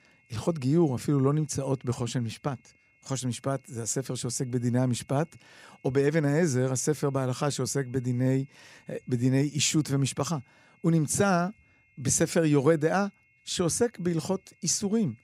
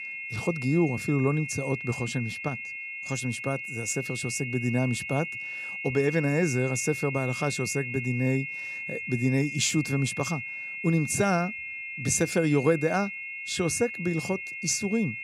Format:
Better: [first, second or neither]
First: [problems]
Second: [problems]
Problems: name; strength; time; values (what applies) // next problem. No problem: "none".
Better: first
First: high-pitched whine; faint; throughout; 2 kHz, 35 dB below the speech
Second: high-pitched whine; loud; throughout; 2 kHz, 6 dB below the speech